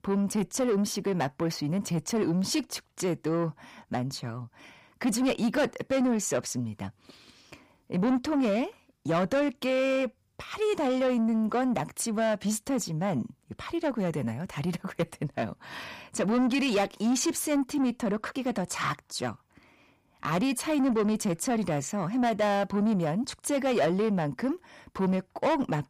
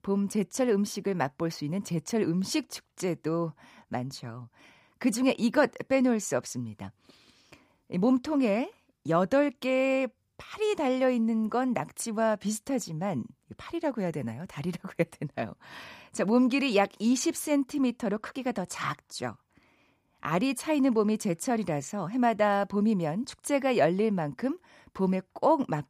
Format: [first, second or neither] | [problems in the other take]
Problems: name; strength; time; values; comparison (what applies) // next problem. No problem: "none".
second | distortion; slight; 10 dB below the speech